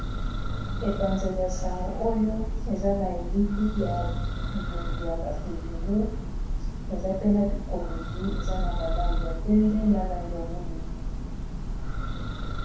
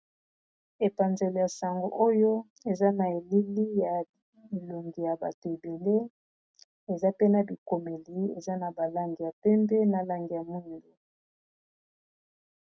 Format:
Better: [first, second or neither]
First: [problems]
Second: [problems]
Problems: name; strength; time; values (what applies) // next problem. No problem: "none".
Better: second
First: background sound (Church bell); as loud as the speech // room echo; dies away in 0.6 s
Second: none